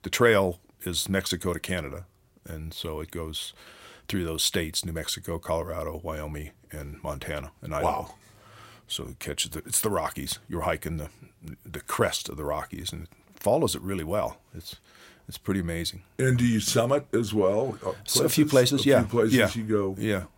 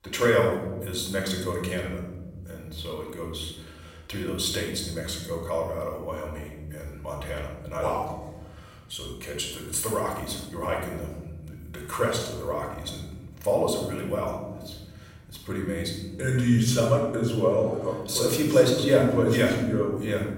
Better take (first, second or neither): first